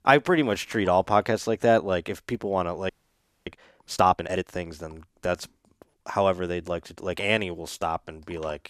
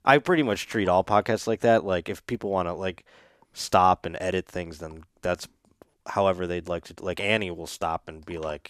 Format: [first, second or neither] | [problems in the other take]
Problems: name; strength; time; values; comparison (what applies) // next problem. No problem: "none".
second | audio freezing; at 3 s for 0.5 s